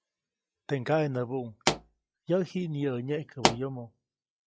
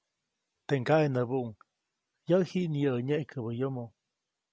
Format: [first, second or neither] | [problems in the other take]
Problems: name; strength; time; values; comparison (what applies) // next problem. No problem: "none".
second | noise reduction (classical method log-MMSE)